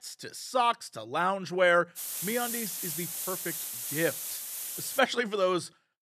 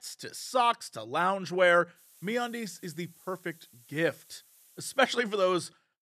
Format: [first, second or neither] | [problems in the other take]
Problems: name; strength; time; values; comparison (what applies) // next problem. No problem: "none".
second | hiss; loud; from 2 to 5 s; 4 dB below the speech; faint in the second